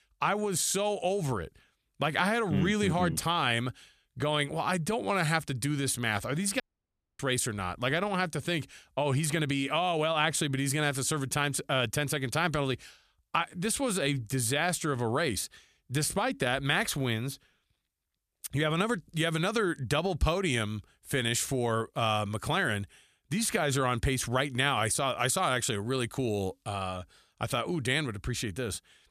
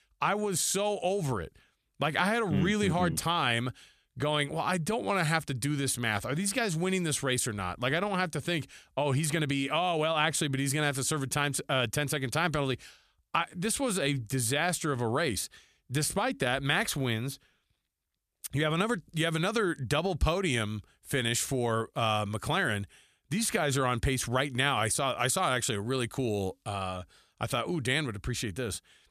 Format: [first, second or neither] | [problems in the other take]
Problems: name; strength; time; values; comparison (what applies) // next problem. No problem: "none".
second | audio cutting out; at 6.5 s for 0.5 s